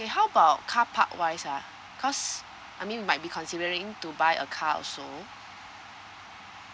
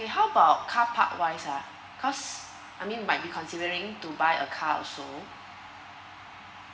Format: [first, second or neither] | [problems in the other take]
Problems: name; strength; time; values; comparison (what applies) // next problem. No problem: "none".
first | room echo; dies away in 0.8 s